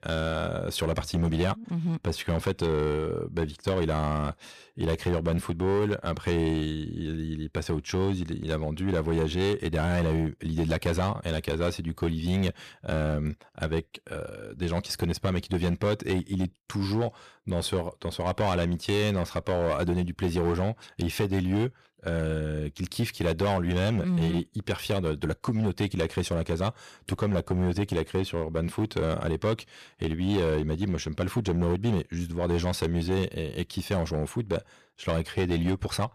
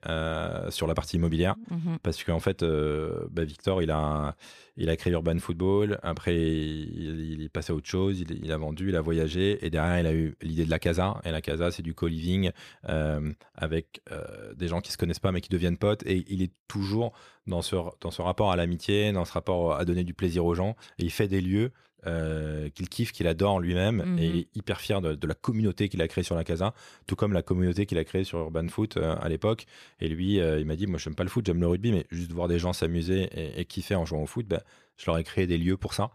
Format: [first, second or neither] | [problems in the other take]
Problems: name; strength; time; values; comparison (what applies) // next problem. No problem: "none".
second | distortion; slight; 8% of the sound clipped